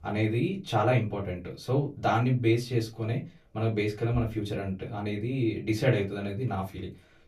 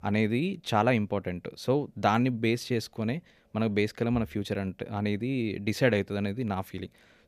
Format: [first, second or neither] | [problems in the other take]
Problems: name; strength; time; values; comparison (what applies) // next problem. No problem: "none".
second | off-mic speech; far // room echo; very slight; dies away in 0.2 s